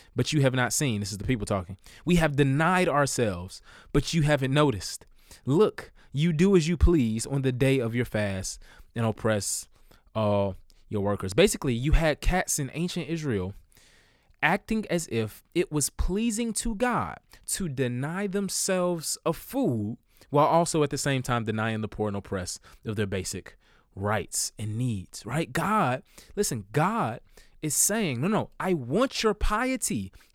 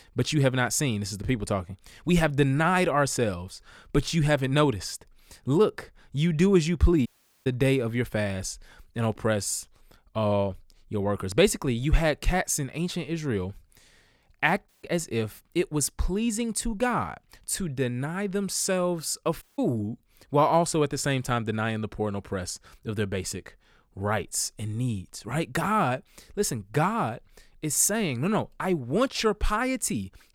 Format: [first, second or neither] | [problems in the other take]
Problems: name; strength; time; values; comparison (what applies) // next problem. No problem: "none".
first | audio cutting out; at 7 s, at 15 s and at 19 s